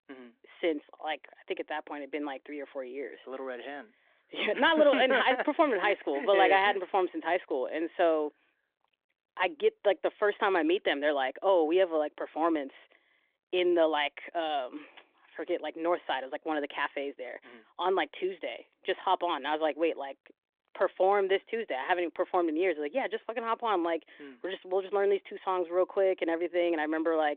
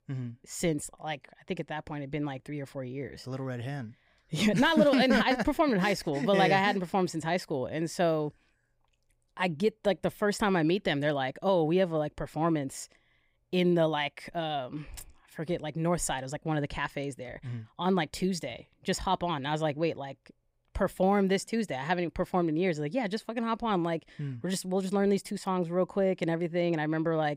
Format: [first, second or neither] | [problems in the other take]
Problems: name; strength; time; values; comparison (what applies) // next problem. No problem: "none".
second | phone-call audio; nothing above 3.5 kHz